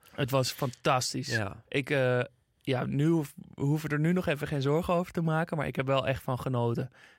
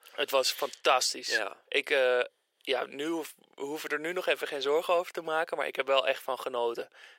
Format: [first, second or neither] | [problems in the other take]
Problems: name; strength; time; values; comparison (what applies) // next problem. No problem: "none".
first | thin; very; fading below 450 Hz